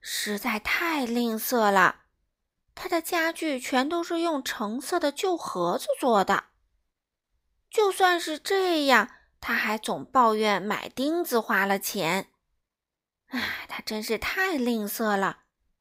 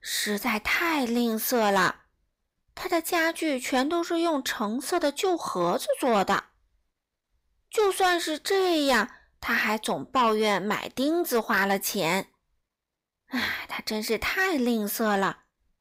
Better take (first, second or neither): first